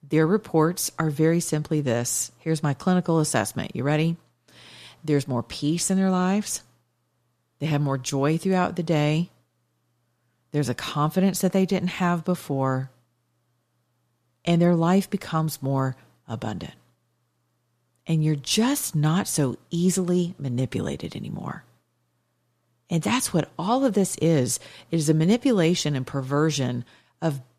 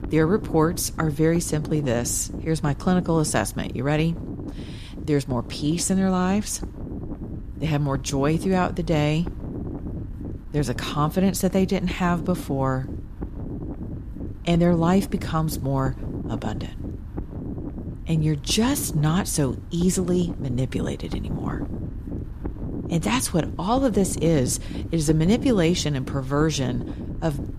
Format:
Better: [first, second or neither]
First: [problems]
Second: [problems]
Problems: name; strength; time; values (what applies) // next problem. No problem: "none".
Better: first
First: none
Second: wind noise on the microphone; occasional gusts; 15 dB below the speech